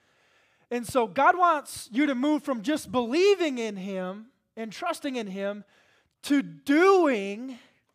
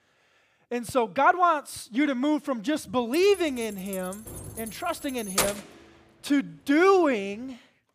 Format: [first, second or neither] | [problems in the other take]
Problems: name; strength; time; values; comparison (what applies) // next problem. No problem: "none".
first | jangling keys; noticeable; from 3 to 5.5 s; peak 1 dB below the speech